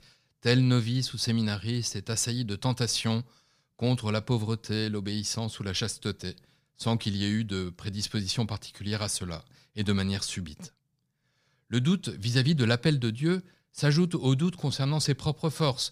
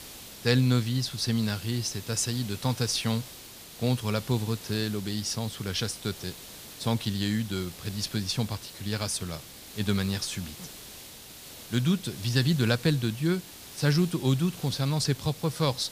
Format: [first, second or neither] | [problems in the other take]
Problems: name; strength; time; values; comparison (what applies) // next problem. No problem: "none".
first | hiss; noticeable; throughout; 15 dB below the speech